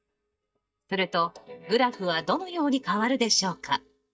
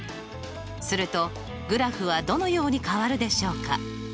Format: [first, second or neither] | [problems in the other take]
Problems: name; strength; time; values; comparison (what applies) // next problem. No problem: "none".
second | noise reduction (neural mask model DeepFilterNet 3)